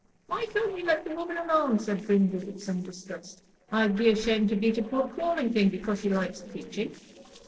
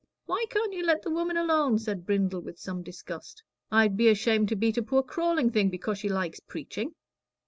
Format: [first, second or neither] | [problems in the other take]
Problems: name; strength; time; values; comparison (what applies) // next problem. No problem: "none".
second | noise reduction (neural separator model SepFormer DNS4)